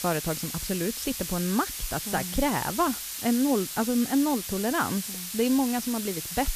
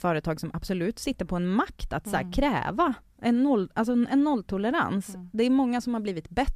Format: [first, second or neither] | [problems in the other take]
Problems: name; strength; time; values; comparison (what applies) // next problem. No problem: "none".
second | hiss; loud; throughout; 5 dB below the speech